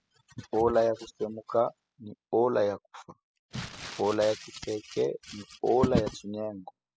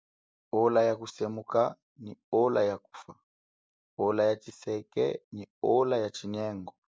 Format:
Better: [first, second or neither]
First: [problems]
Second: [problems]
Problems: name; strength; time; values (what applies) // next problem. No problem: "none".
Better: second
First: noise reduction (classical method spectral subtraction)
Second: none